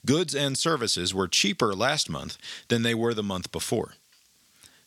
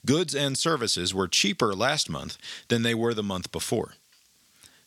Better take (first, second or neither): neither